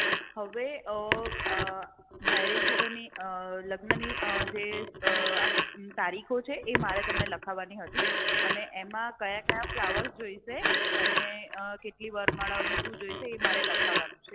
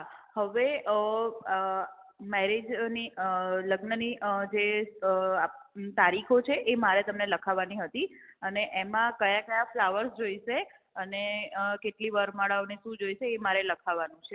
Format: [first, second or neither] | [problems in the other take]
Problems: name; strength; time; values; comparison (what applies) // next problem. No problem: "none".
second | background sound (Telephone); 5 dB above the speech